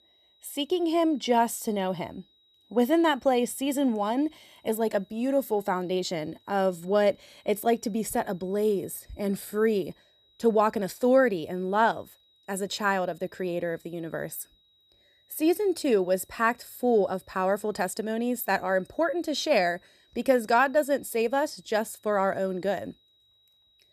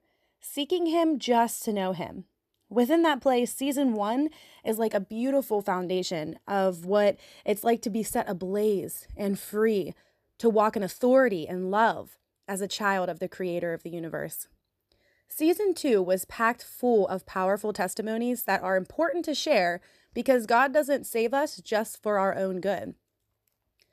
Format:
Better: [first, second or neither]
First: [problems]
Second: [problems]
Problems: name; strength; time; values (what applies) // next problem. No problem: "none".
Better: second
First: high-pitched whine; faint; throughout; 4 kHz, 35 dB below the speech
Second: none